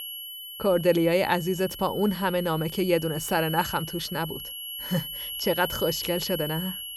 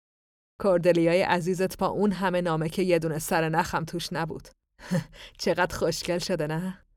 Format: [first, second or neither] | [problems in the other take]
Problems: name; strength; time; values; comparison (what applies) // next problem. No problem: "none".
second | high-pitched whine; loud; throughout; 3 kHz, 8 dB below the speech